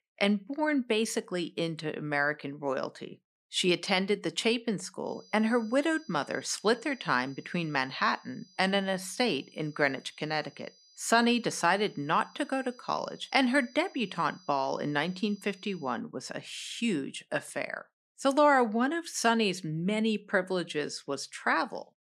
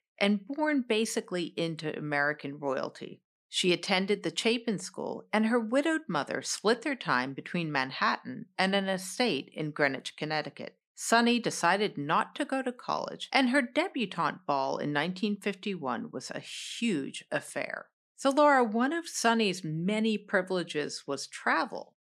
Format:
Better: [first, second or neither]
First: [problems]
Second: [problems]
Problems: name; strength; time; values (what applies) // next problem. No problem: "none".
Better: second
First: high-pitched whine; faint; from 5 to 16 s; 5 kHz, 25 dB below the speech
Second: none